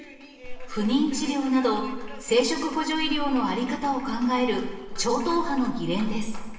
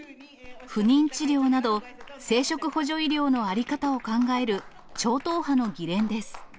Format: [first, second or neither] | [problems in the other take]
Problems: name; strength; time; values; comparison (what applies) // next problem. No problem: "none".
second | room echo; dies away in 1.2 s